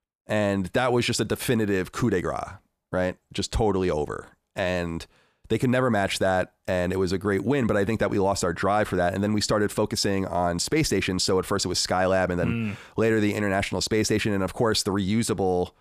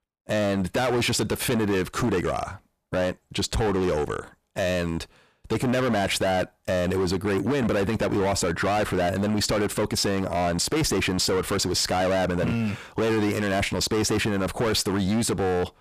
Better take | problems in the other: first | distortion; heavy; 25% of the sound clipped

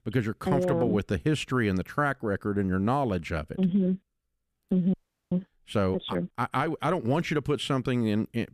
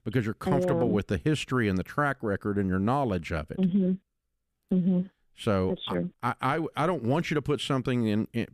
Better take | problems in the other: second | audio freezing; at 5 s

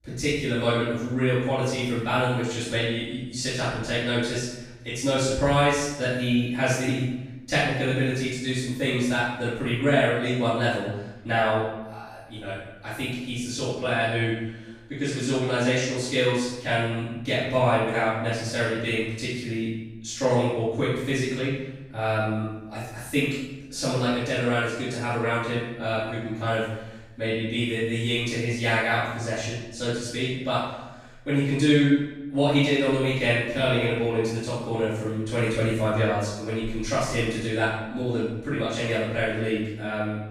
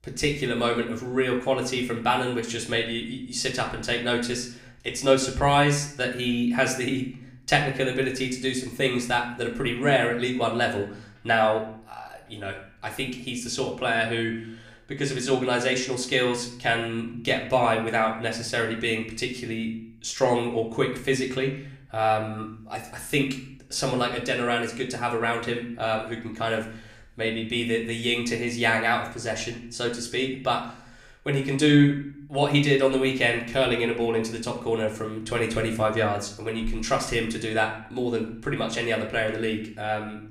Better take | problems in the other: second | room echo; strong; dies away in 0.9 s; slight in the second // off-mic speech; far; somewhat distant in the second

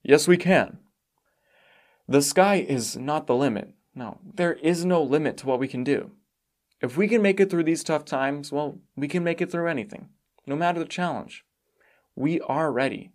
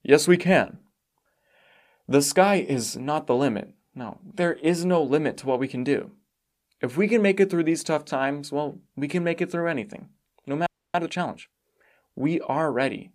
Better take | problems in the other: first | audio freezing; at 11 s

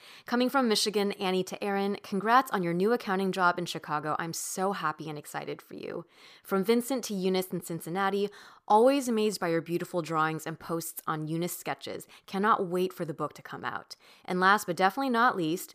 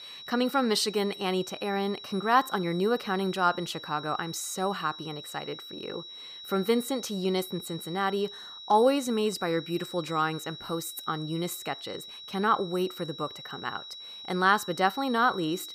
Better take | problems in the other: first | high-pitched whine; noticeable; throughout; 4 kHz, 10 dB below the speech

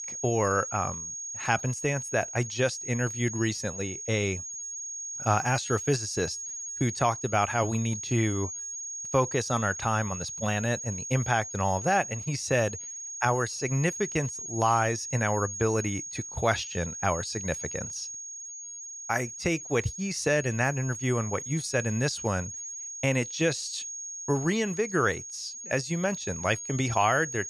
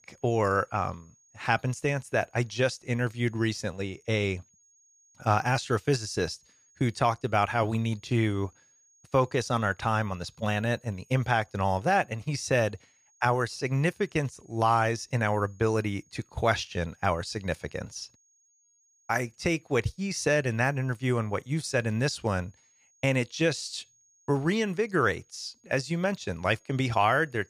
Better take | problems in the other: second | high-pitched whine; loud; throughout; 6.5 kHz, 7 dB below the speech; faint in the second

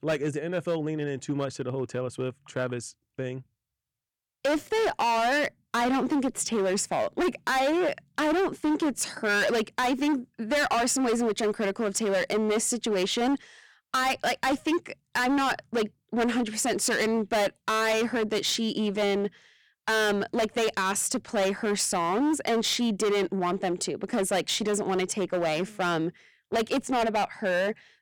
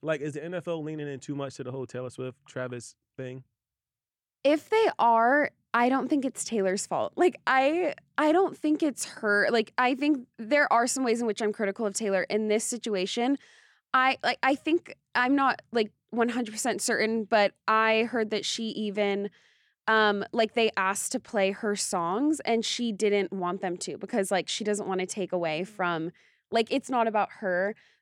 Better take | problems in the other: second | distortion; heavy; 18% of the sound clipped

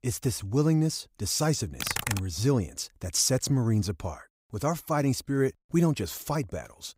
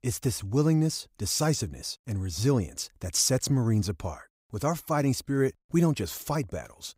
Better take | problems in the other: second | keyboard typing; noticeable; at 2 s; peak 2 dB below the speech

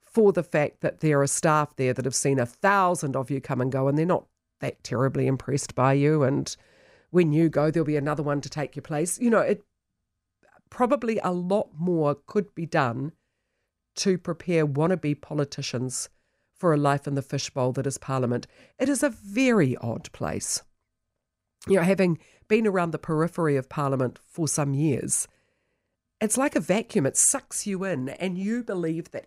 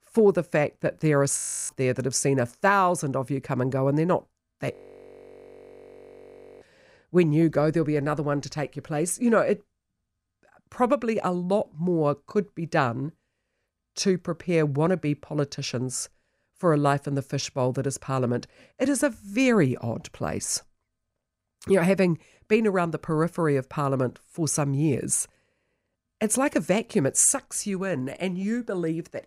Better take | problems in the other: first | audio freezing; at 1.5 s and at 4.5 s for 2 s

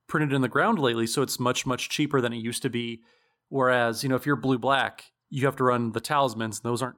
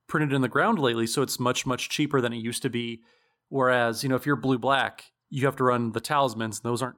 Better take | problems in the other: neither | none

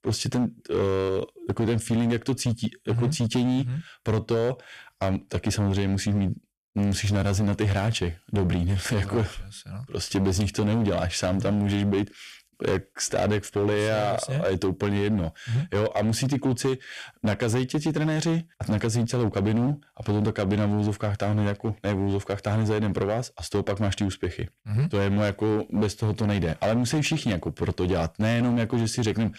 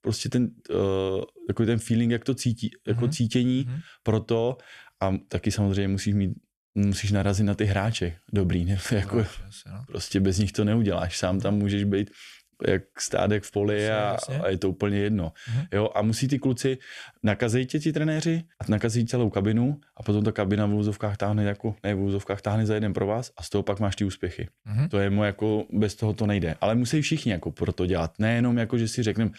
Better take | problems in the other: second | distortion; slight; 13% of the sound clipped

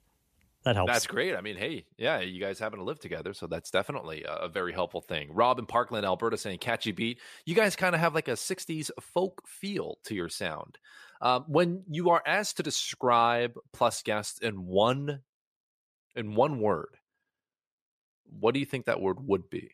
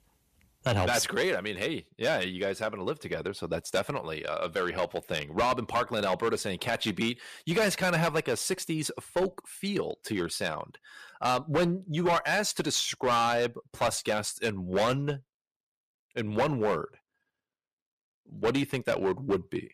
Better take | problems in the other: first | distortion; heavy; 6% of the sound clipped

